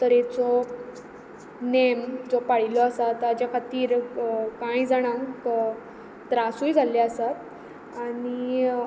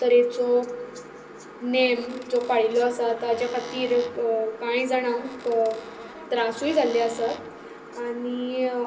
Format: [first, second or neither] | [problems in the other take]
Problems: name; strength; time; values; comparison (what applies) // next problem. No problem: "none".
first | background sound (Squeak / Cupboard open or close); 18 dB below the speech // room echo; dies away in 0.2 s